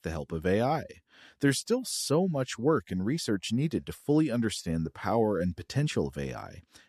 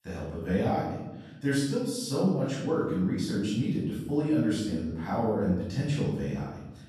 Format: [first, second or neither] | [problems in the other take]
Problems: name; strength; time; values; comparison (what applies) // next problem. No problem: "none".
first | off-mic speech; far // room echo; noticeable; dies away in 1.1 s